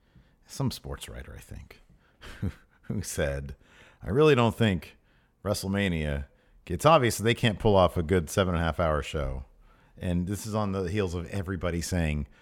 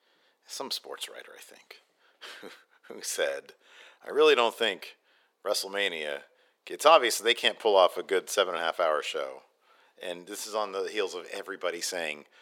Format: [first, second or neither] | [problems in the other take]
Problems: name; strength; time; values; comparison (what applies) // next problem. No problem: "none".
first | thin; very; fading below 400 Hz